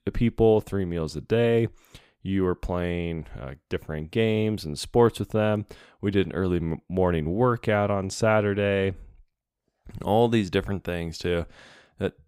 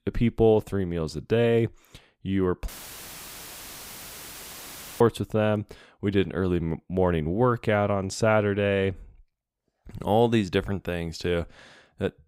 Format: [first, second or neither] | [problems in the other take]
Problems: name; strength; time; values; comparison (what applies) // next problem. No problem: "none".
first | audio cutting out; filled with static; at 2.5 s for 2.5 s